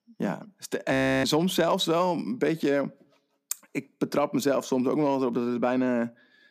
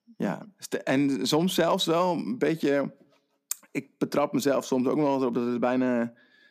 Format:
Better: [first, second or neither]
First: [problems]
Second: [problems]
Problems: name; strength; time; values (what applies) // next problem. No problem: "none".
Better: second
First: audio freezing; at 1 s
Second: none